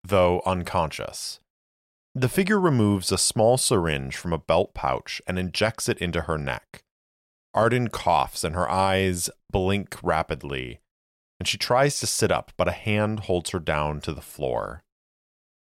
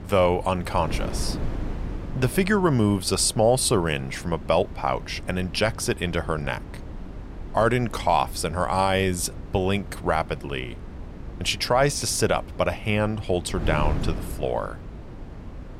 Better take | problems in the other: first | wind noise on the microphone; occasional gusts; 20 dB below the speech

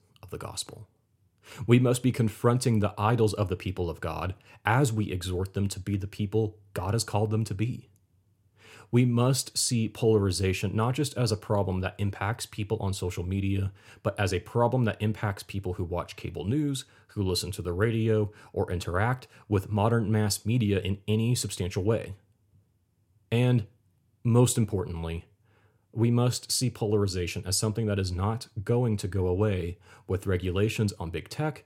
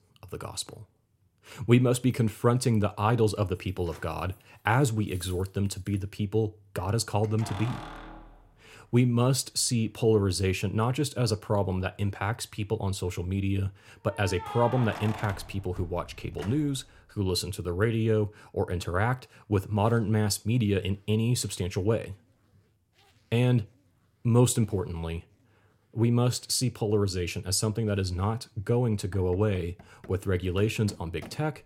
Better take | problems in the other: first | household noises; noticeable; throughout; 15 dB below the speech

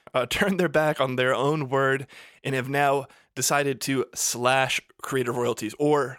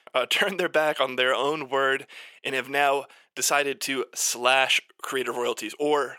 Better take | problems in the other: first | thin; somewhat; fading below 350 Hz

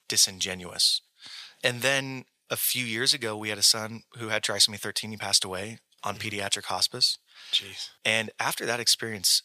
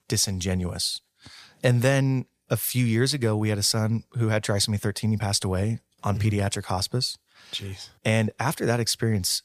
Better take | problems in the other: second | thin; somewhat; fading below 1 kHz

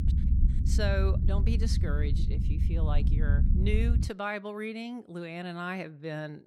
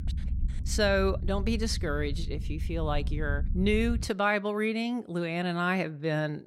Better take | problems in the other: second | low rumble; loud; until 4 s; 7 dB below the speech; faint in the second

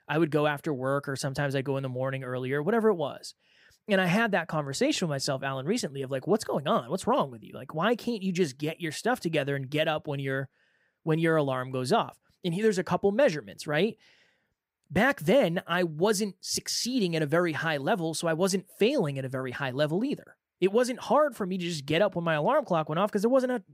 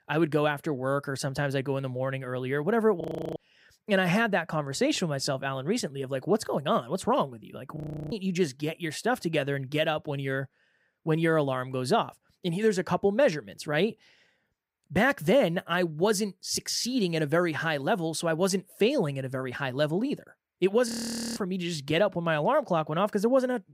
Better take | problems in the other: first | audio freezing; at 3 s, at 8 s and at 21 s

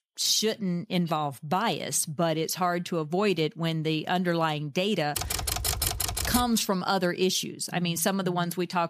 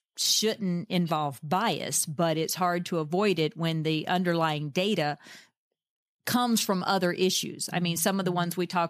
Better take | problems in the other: second | keyboard typing; loud; from 5 to 6.5 s; peak 1 dB above the speech

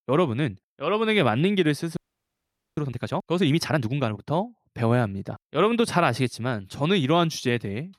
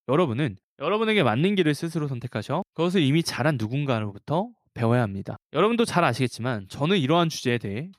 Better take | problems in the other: second | audio freezing; at 2 s for 1 s

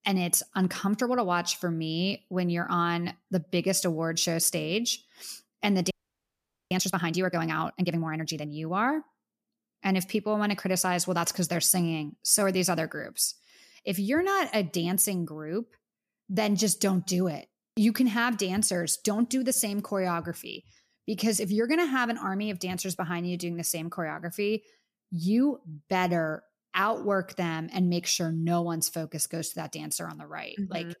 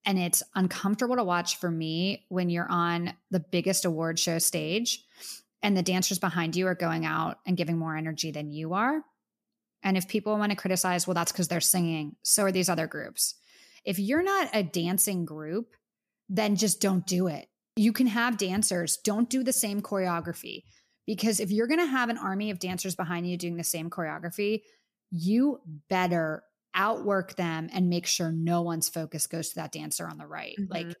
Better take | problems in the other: second | audio freezing; at 6 s for 1 s

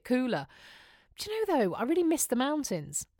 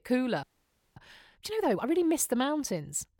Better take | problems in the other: first | audio freezing; at 0.5 s for 0.5 s

